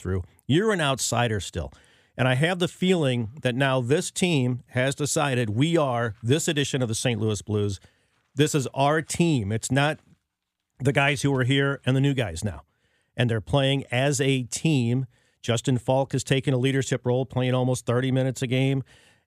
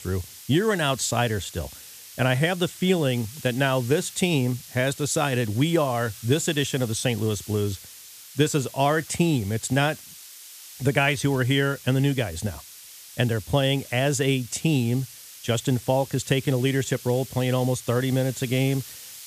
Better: first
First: none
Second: hiss; noticeable; throughout; 15 dB below the speech

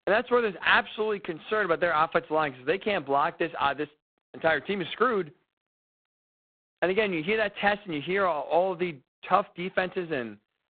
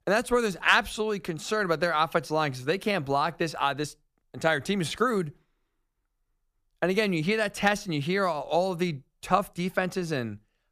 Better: second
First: phone-call audio; poor line; nothing above 4 kHz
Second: none

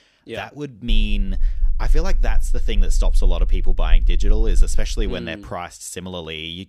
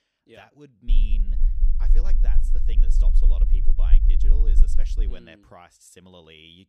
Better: first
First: low rumble; faint; from 1 to 5 s; 20 dB below the speech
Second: low rumble; loud; from 1 to 5 s; 3 dB below the speech

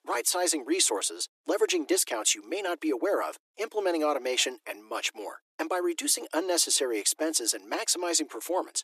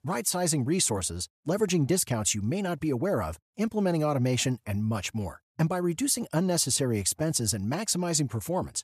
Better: second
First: thin; very; fading below 300 Hz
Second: none

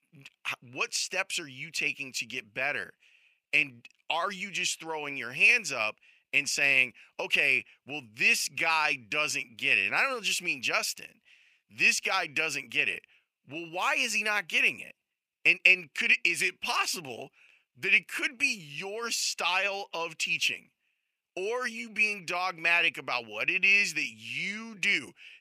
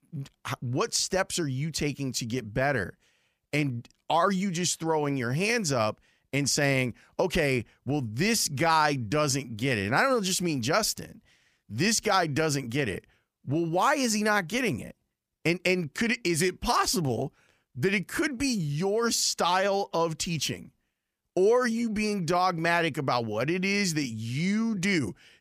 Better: second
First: thin; somewhat; fading below 750 Hz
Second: none

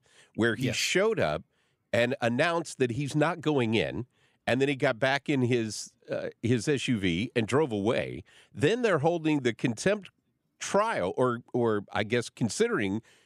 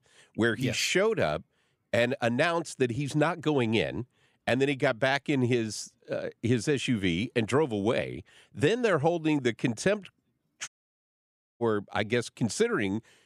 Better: first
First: none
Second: audio cutting out; at 11 s for 1 s

